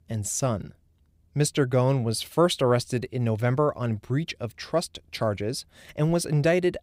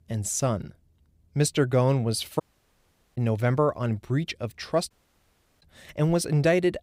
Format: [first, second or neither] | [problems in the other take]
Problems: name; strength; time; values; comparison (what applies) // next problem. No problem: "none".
first | audio cutting out; at 2.5 s for 1 s and at 5 s for 0.5 s